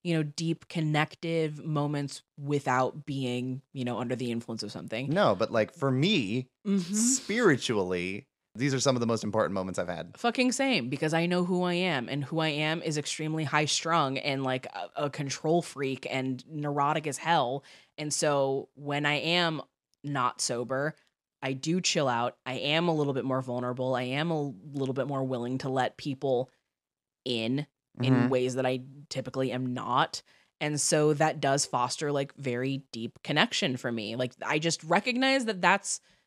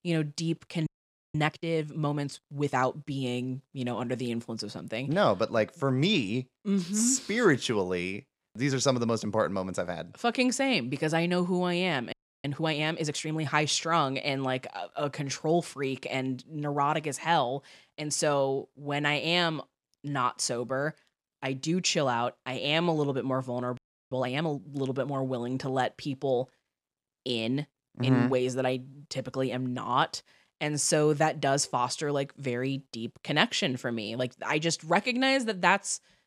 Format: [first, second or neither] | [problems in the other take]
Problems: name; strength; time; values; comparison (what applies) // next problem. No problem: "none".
first | audio freezing; at 1 s, at 12 s and at 24 s